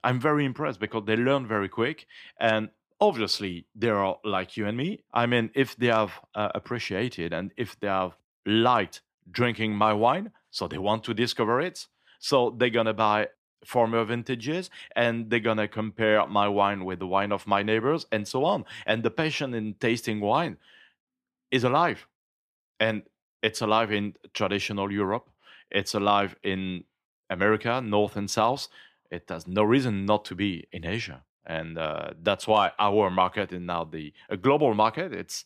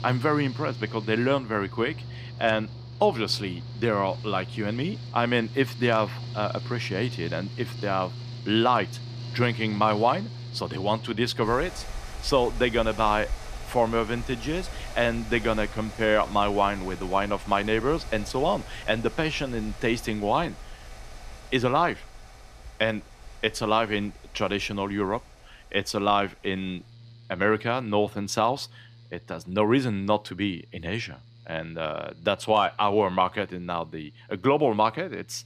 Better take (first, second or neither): first